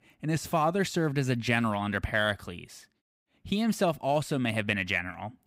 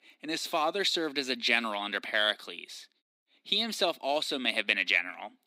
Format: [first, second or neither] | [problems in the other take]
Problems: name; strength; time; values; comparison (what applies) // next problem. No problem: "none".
first | thin; somewhat; fading below 250 Hz